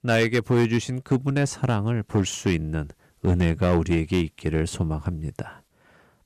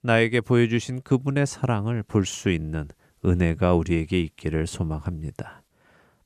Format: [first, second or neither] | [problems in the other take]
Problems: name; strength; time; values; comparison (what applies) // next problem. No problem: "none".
second | distortion; slight; 4% of the sound clipped